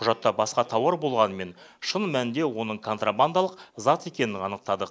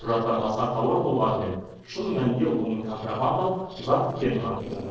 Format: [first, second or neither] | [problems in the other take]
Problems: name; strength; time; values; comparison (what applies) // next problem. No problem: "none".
first | noise reduction (neural separator model SepFormer DNS4)